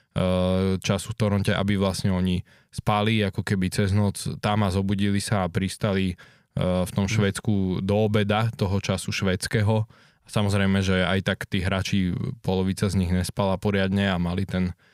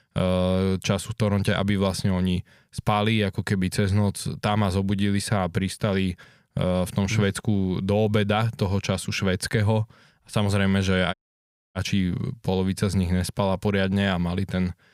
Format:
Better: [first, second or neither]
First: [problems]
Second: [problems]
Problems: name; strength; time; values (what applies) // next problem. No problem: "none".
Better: first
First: none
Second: audio cutting out; at 11 s for 0.5 s